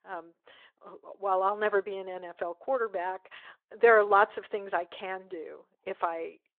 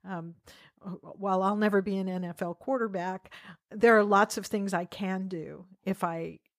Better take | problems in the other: second | phone-call audio

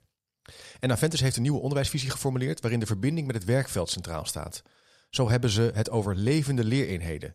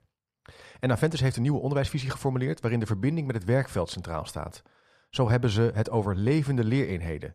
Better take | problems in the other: first | muffled; slightly; fading above 3.5 kHz

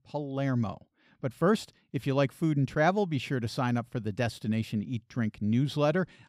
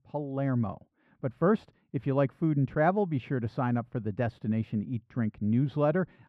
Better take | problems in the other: first | muffled; very; fading above 3.5 kHz

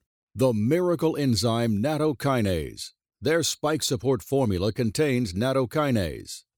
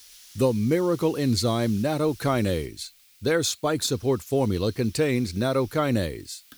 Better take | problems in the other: first | hiss; faint; throughout; 25 dB below the speech

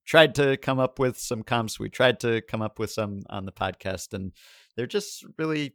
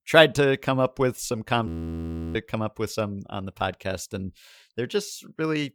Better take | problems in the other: first | audio freezing; at 1.5 s for 0.5 s

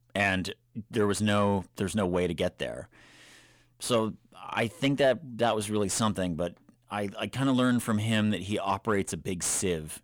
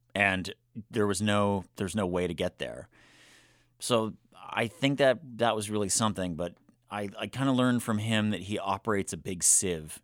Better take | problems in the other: second | distortion; slight; 10 dB below the speech

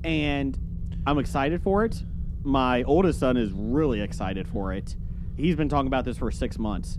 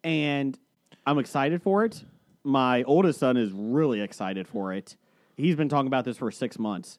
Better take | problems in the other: second | low rumble; faint; throughout; 20 dB below the speech

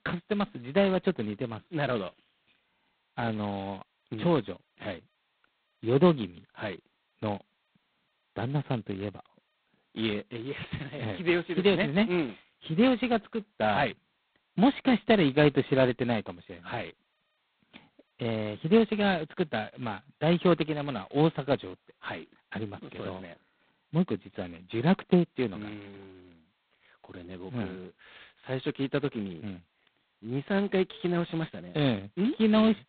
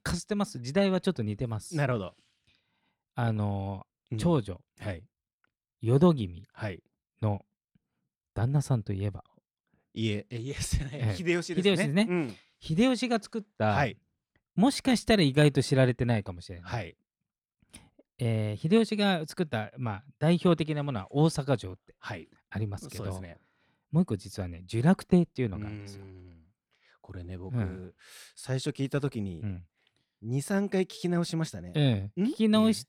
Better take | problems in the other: second | phone-call audio; poor line; nothing above 4 kHz

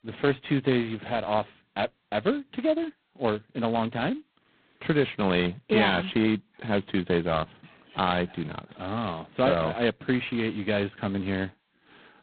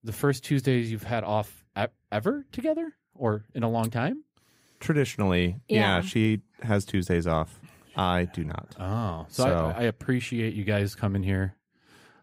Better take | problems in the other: second | phone-call audio; poor line; nothing above 4 kHz

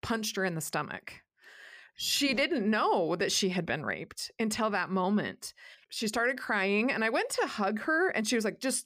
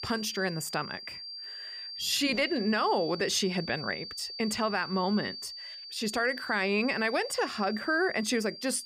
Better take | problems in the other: first | high-pitched whine; loud; throughout; 4.5 kHz, 10 dB below the speech

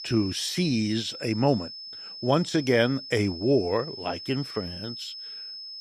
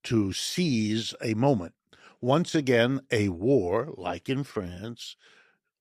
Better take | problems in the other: second | high-pitched whine; noticeable; throughout; 5 kHz, 10 dB below the speech

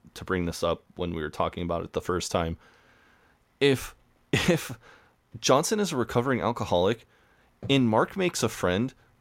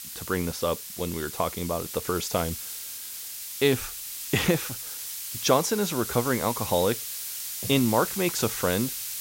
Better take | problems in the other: first | hiss; loud; throughout; 6 dB below the speech

